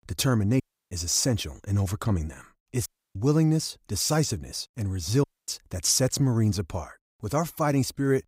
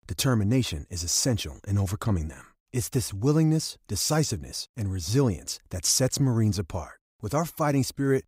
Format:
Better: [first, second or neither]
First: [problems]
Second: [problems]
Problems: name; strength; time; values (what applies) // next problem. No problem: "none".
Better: second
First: audio cutting out; at 0.5 s, at 3 s and at 5 s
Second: none